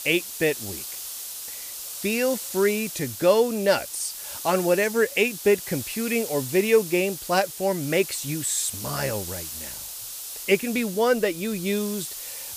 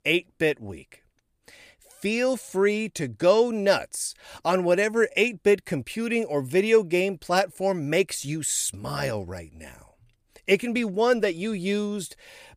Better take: second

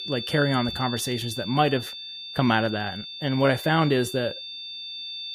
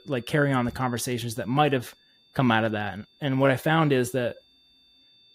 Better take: second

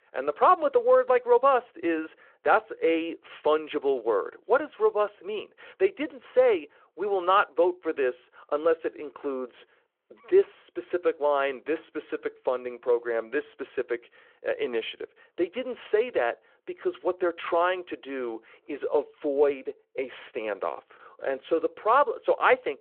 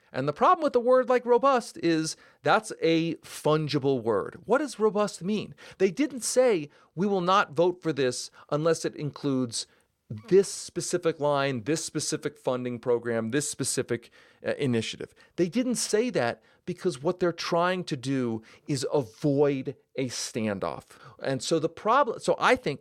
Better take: second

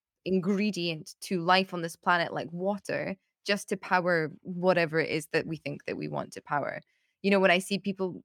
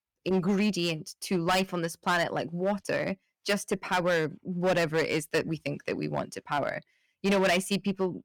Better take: first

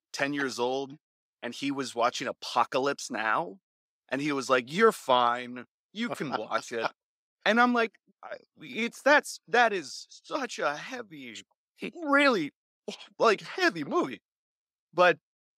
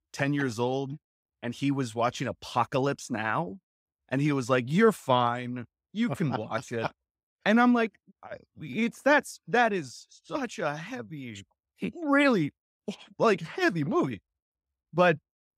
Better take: second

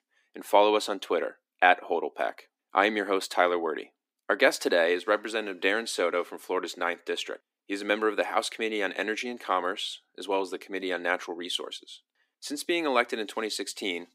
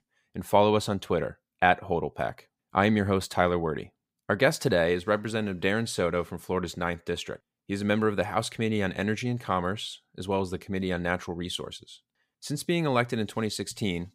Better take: second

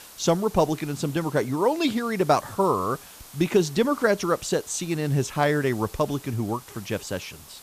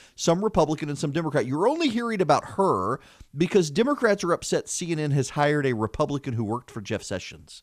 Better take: second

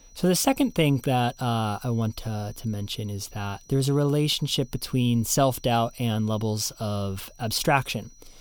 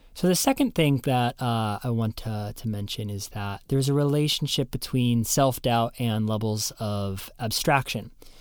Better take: second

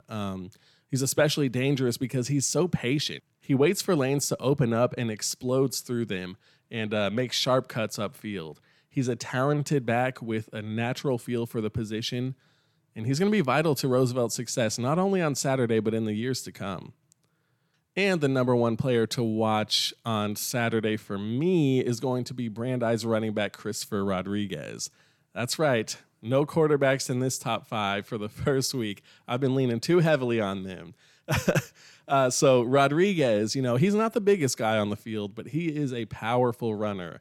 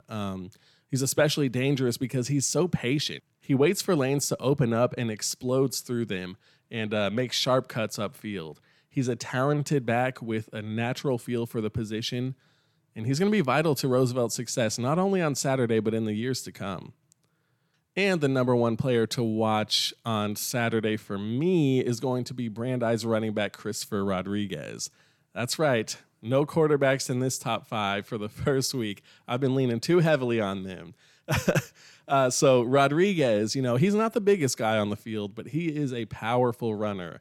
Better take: neither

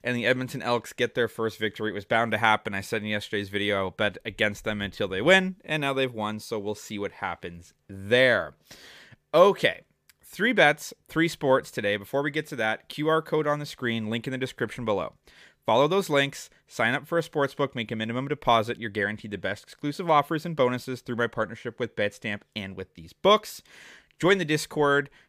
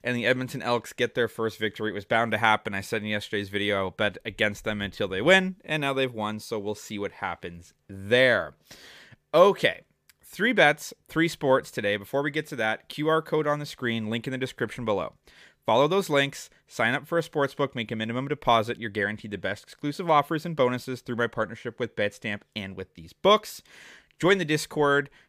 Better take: neither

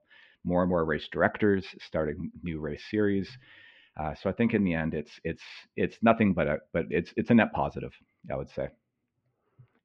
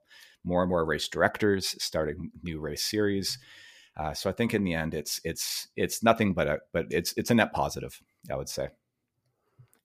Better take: second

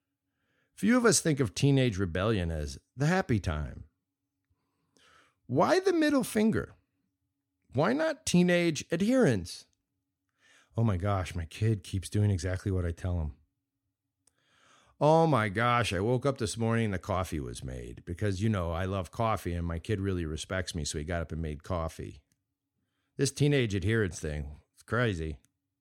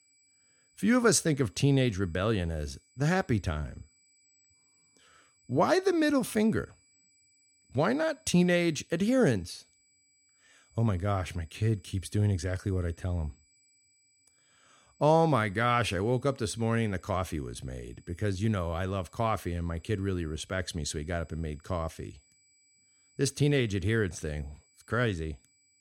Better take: first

